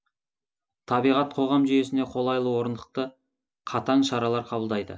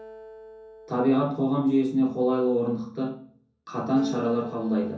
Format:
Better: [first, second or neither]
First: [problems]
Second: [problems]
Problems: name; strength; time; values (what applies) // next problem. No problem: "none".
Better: first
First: none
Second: background sound (Acoustic guitar); 19 dB below the speech // room echo; dies away in 0.6 s